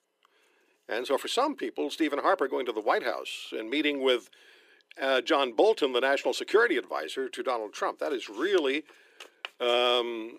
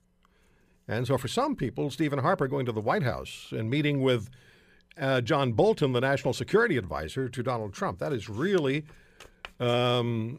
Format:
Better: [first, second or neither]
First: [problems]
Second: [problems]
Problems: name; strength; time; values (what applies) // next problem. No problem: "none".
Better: second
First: thin; somewhat; fading below 300 Hz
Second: none